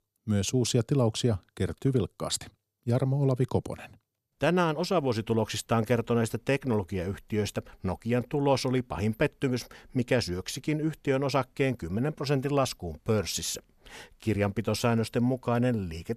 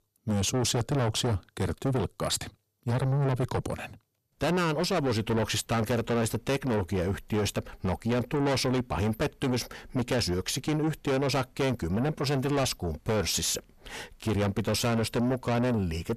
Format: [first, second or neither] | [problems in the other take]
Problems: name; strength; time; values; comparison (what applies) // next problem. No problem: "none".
first | distortion; heavy; 6 dB below the speech